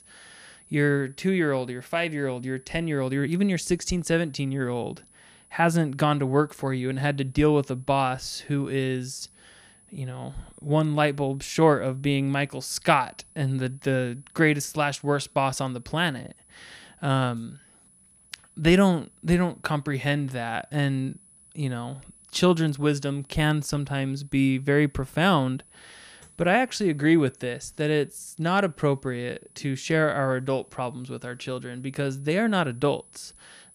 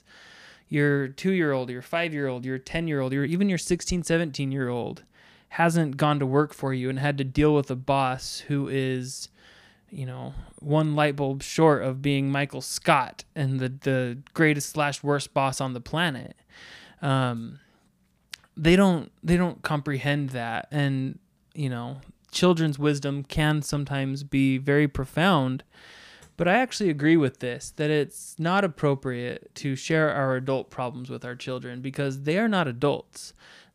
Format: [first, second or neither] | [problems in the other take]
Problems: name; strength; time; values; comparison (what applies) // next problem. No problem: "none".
second | high-pitched whine; faint; throughout; 10 kHz, 30 dB below the speech